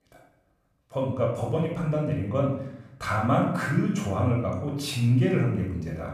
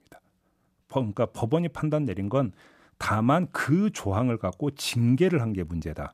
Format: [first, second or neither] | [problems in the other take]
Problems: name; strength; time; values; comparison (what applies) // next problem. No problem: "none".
second | off-mic speech; far // room echo; noticeable; dies away in 0.6 s